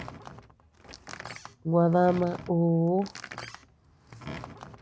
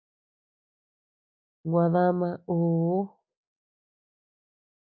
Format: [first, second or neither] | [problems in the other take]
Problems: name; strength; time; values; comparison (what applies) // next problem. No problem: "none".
second | background sound (Door); 15 dB below the speech